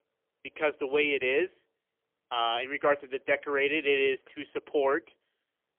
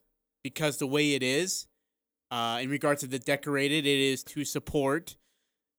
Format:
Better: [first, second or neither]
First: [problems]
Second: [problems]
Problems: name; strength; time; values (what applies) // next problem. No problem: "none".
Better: second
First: phone-call audio; poor line; nothing above 3 kHz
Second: none